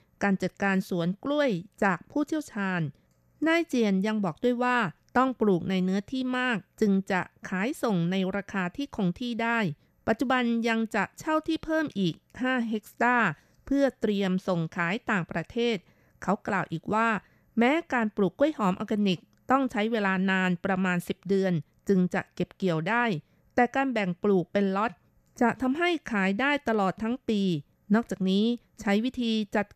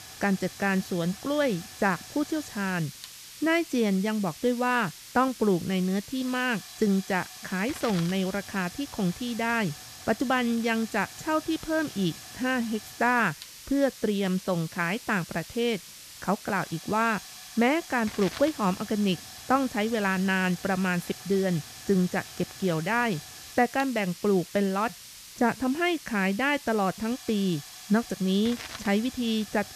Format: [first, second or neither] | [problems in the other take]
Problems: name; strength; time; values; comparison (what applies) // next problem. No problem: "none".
first | hiss; noticeable; throughout; 15 dB below the speech